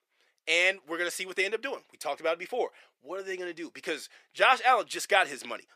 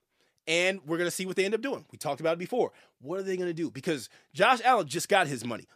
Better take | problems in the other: second | thin; somewhat; fading below 500 Hz

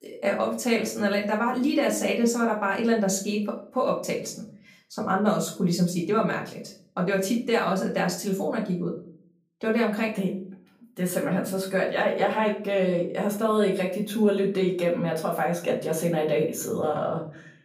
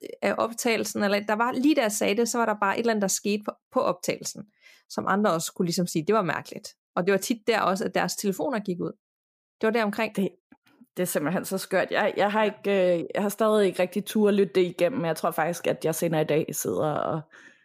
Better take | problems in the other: second | room echo; slight; dies away in 0.4 s // off-mic speech; far

